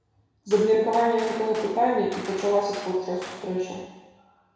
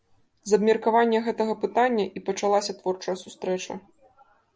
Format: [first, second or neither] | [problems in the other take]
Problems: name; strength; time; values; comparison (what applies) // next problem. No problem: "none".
second | background sound (Gunshot, gunfire); 16 dB below the speech // room echo; dies away in 1.1 s